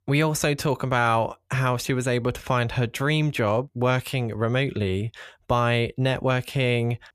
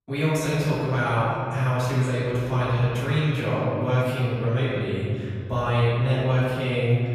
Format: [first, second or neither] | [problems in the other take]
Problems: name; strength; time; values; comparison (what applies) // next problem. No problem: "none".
first | room echo; strong; dies away in 2.1 s // off-mic speech; far